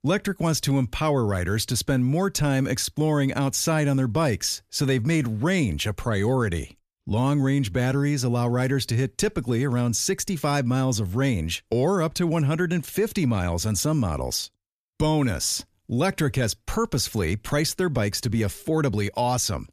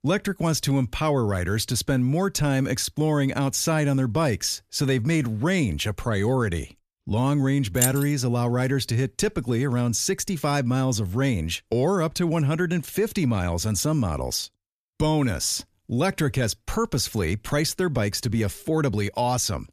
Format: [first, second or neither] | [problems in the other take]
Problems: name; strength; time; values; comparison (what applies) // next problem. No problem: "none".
first | jangling keys; loud; at 8 s; peak level with the speech